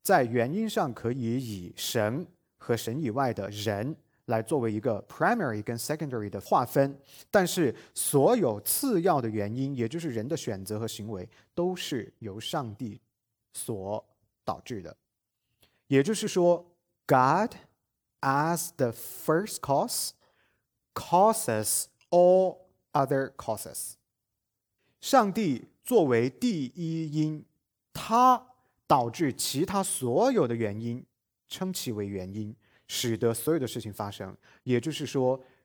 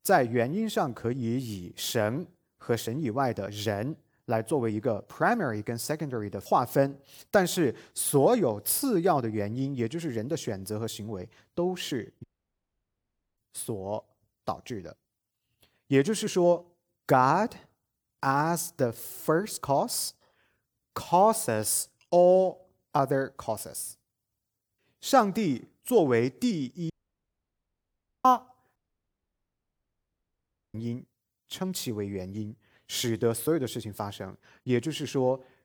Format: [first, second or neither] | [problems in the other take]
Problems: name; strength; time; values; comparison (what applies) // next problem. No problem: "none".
first | audio cutting out; at 12 s for 1 s, at 27 s for 1.5 s and at 29 s for 2 s